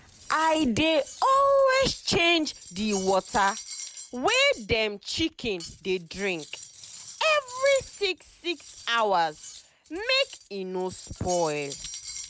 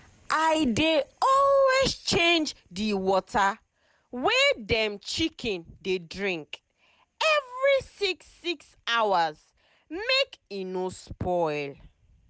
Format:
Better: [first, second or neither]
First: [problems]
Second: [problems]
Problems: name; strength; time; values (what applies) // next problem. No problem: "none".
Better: second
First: background sound (Cutlery, silverware); 17 dB below the speech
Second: none